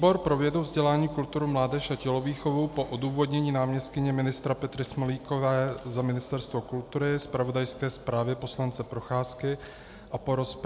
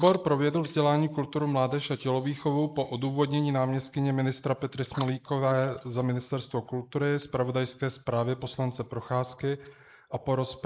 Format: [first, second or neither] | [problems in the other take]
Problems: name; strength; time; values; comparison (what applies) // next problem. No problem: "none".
first | noise reduction (neural mask model Resemble Enhance denoiser)